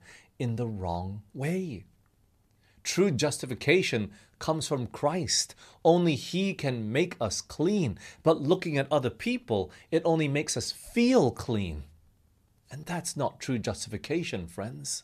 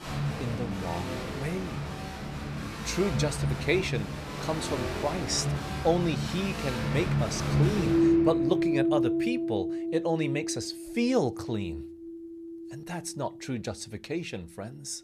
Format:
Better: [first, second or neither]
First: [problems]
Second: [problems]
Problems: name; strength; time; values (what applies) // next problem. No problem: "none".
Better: first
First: none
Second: background music; very loud; throughout; 1 dB above the speech